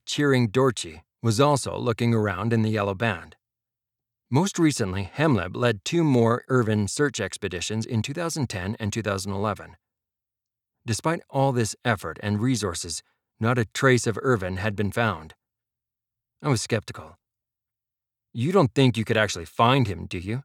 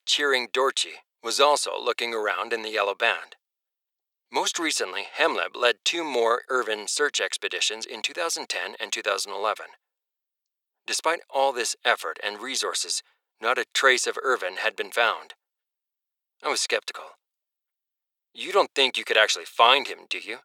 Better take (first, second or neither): first